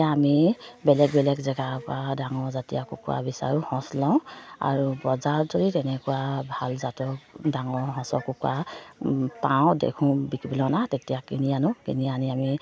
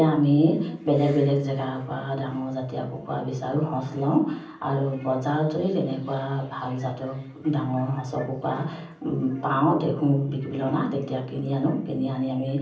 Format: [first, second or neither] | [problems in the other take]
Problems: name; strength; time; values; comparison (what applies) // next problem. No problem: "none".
first | room echo; dies away in 0.6 s